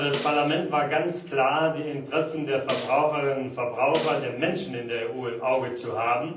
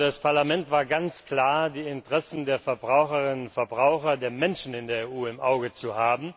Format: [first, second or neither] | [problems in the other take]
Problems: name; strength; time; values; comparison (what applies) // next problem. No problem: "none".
second | background sound (Snare drum); 13 dB below the speech // room echo; dies away in 0.6 s